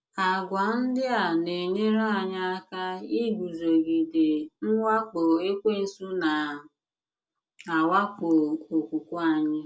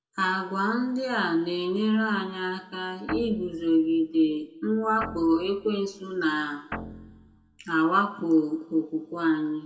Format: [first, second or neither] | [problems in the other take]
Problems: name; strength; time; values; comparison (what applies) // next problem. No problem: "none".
first | background sound (Guitar); 14 dB below the speech // room echo; dies away in 1.2 s